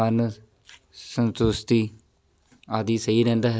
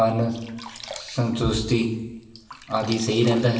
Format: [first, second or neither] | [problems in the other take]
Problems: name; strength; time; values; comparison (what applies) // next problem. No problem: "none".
first | background sound (Sink (filling or washing)); 17 dB below the speech // room echo; dies away in 0.9 s